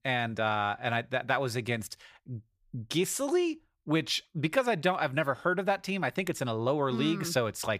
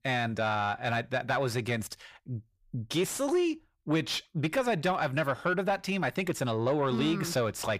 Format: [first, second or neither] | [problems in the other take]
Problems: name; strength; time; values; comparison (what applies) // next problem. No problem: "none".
first | distortion; slight; 10 dB below the speech